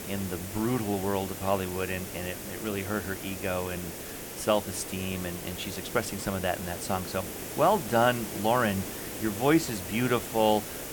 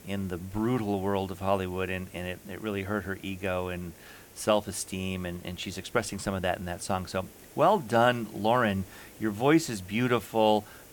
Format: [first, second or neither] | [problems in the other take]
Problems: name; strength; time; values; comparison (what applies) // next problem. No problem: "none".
second | hiss; loud; throughout; 7 dB below the speech; faint in the second